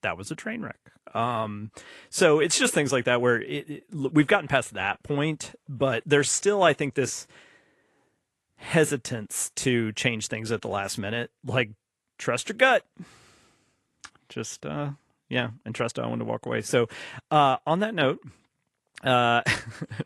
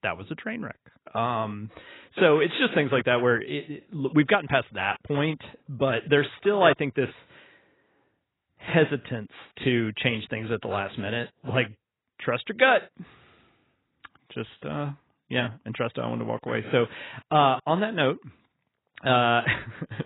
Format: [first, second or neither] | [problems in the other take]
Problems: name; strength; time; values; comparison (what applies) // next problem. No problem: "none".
first | garbled, watery; badly; nothing above 4 kHz; slightly in the first